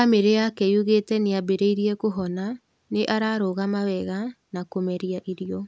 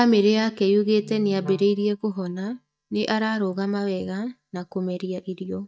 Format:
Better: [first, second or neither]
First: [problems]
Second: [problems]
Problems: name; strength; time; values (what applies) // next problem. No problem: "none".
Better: first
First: none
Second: noise reduction (neural mask model DeepFilterNet 3)